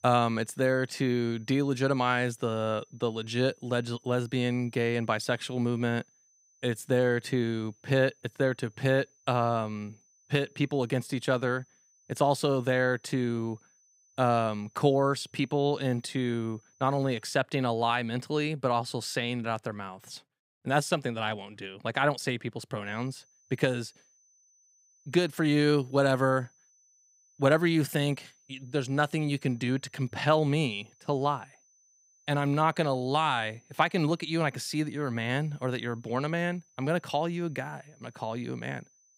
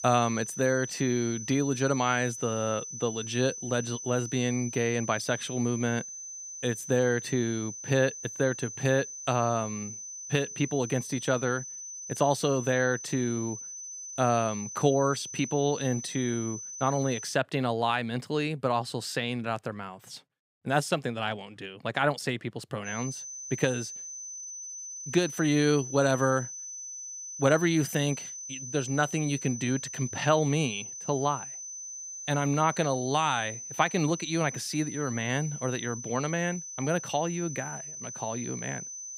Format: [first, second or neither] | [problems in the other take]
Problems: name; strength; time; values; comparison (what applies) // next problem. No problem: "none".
first | high-pitched whine; loud; until 17 s and from 23 s on; 6 kHz, 9 dB below the speech; faint in the first